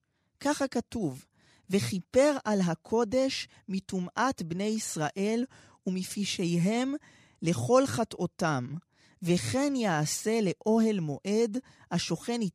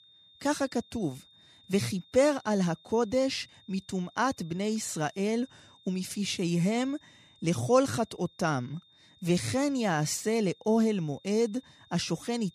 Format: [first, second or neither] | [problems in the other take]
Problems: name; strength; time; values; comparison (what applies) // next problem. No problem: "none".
first | high-pitched whine; faint; throughout; 3.5 kHz, 30 dB below the speech